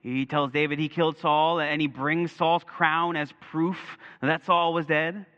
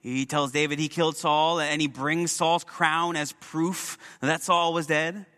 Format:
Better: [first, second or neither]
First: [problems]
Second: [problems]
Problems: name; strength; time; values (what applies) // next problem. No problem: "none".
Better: second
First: muffled; very; fading above 3 kHz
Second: none